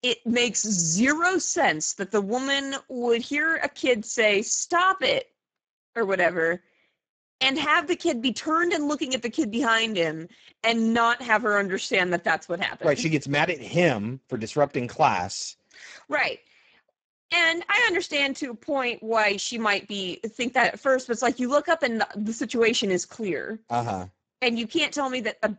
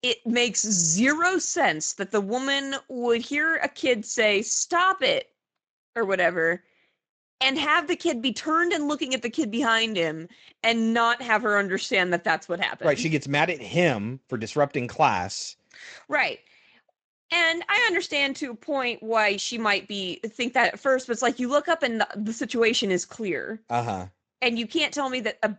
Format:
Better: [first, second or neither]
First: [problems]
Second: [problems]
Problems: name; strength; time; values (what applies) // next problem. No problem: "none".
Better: second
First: garbled, watery; badly; nothing above 7.5 kHz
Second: garbled, watery; slightly; nothing above 7.5 kHz